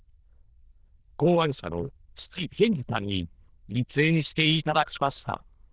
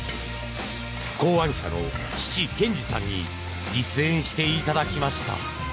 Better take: second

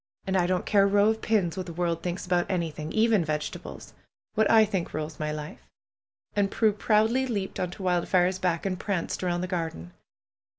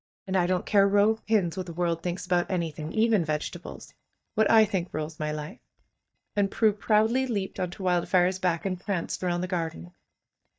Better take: first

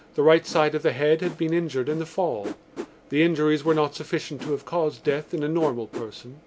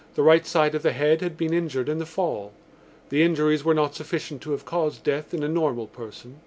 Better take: second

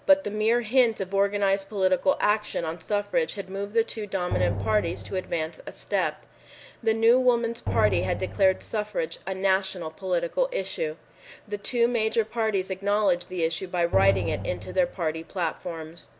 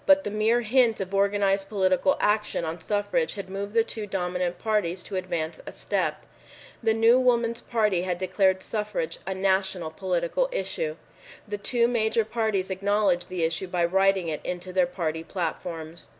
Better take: second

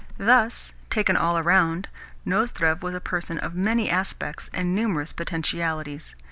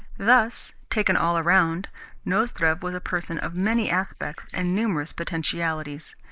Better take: first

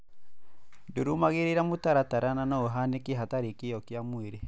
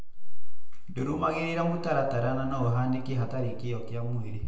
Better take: first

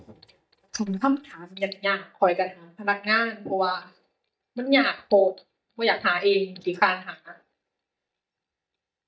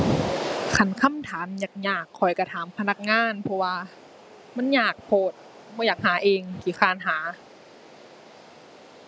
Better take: second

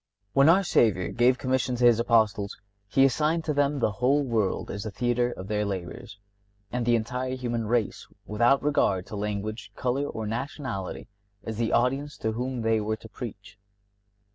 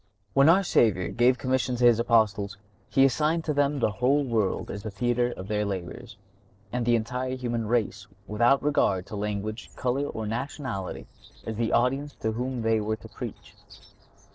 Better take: first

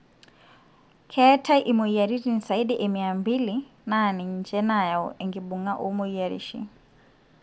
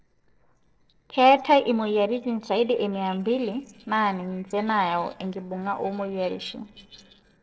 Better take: first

